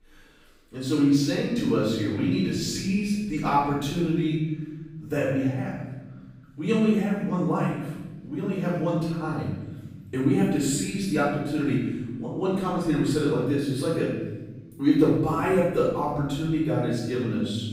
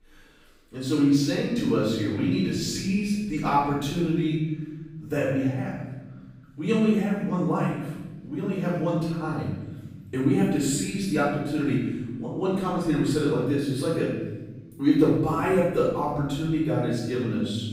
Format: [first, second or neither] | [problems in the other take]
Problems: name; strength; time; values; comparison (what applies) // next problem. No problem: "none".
neither | off-mic speech; far; the same in both // room echo; strong; dies away in 1.4 s; the same in both